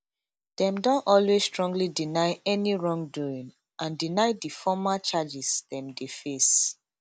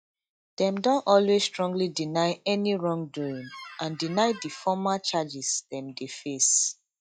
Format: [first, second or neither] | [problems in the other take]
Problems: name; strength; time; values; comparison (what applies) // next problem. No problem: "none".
first | noise reduction (classical method log-MMSE)